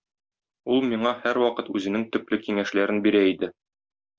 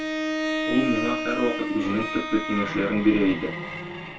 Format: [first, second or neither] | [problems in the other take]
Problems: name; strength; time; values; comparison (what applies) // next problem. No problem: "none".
first | background sound (Bowed string instrument); 3 dB below the speech // room echo; dies away in 0.2 s